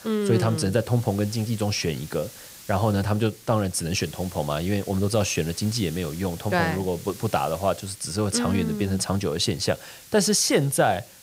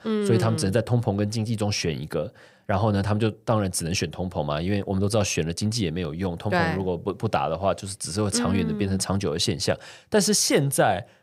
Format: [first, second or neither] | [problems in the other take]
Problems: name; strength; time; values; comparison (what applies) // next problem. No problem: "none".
second | hiss; noticeable; throughout; 20 dB below the speech